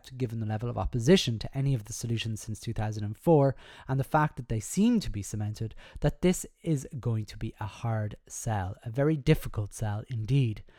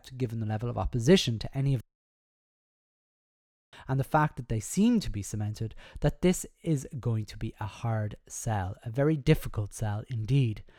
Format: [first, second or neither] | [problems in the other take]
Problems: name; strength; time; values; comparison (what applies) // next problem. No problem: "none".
first | audio cutting out; at 2 s for 2 s